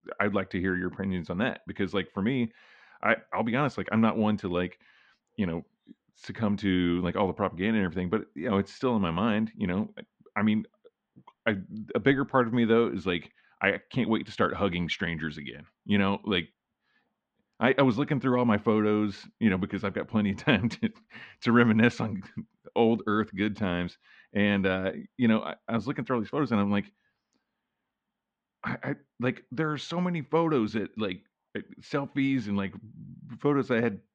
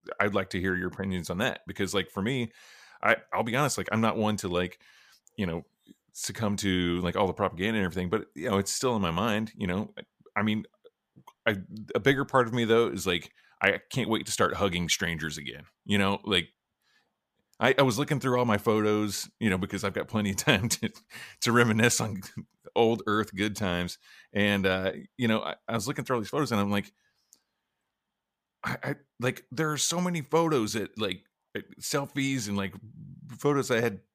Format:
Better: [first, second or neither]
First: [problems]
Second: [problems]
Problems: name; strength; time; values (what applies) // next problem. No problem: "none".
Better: second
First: muffled; slightly; fading above 3 kHz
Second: none